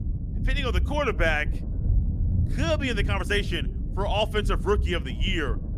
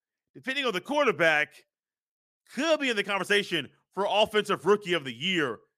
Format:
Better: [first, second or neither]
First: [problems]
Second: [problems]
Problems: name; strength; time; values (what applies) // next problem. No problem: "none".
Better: second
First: low rumble; noticeable; throughout; 15 dB below the speech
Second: none